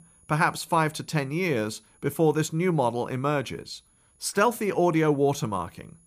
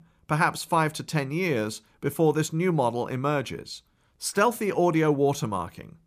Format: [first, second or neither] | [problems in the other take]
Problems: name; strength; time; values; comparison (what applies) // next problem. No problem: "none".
second | high-pitched whine; faint; throughout; 10.5 kHz, 35 dB below the speech